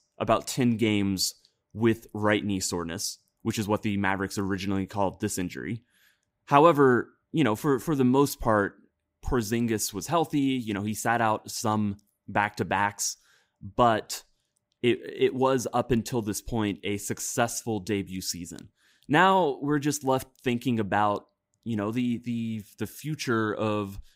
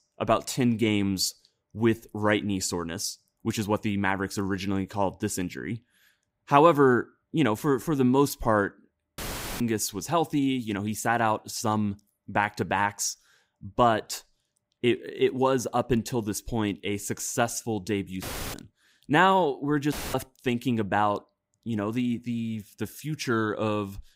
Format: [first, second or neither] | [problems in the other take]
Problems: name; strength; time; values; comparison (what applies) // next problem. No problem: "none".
first | audio cutting out; filled with static; at 9 s, at 18 s and at 20 s